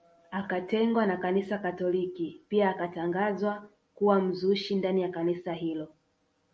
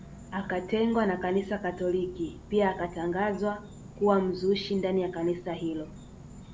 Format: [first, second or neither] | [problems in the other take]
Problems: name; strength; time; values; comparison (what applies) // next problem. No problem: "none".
first | background sound (Insect); 16 dB below the speech